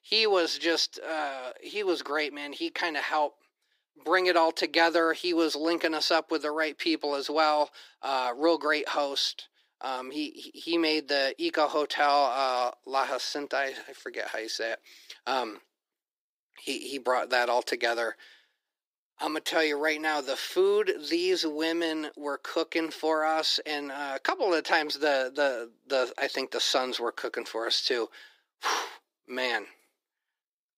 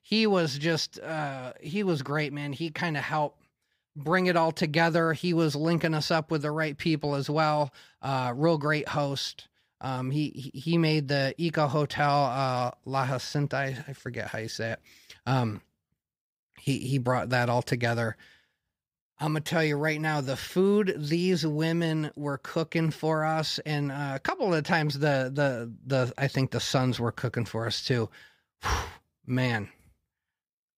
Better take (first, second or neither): second